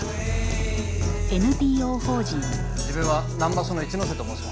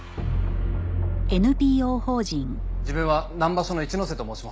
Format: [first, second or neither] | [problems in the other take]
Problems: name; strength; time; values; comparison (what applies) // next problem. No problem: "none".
second | background sound (Guitar); 5 dB below the speech